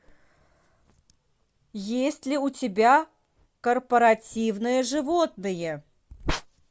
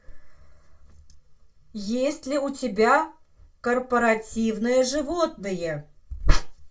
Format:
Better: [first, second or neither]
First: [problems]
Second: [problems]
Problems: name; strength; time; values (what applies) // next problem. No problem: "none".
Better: first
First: none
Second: room echo; dies away in 0.2 s